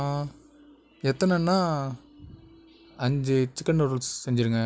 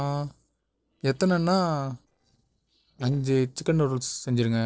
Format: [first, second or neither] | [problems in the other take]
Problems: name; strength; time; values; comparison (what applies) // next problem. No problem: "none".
first | noise reduction (neural separator model SepFormer DNS4)